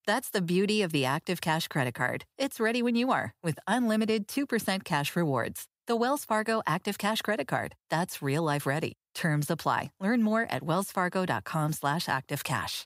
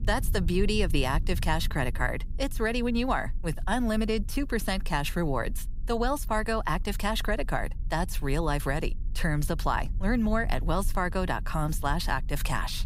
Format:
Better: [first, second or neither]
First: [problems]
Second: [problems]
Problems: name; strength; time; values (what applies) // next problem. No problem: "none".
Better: first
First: none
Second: low rumble; faint; throughout; 25 dB below the speech